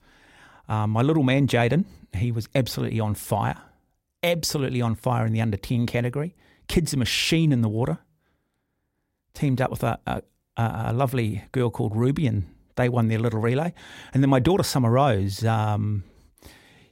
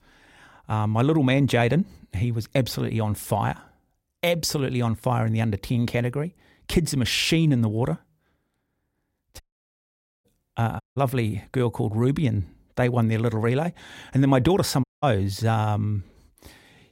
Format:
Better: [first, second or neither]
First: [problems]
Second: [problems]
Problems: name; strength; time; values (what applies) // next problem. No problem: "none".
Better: first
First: none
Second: audio cutting out; at 9.5 s for 1 s, at 11 s and at 15 s